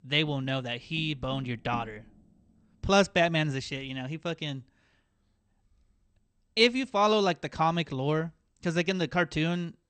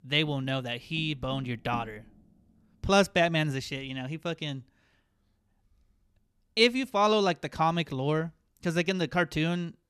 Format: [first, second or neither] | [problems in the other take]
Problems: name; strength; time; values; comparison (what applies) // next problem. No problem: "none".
second | garbled, watery; slightly; nothing above 8.5 kHz